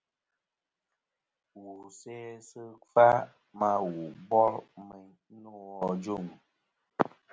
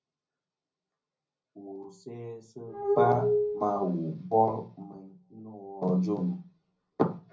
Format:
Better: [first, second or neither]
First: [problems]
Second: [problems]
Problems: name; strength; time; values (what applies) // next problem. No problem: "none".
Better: first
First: none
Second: background sound (Glass); 2 dB above the speech // room echo; dies away in 0.4 s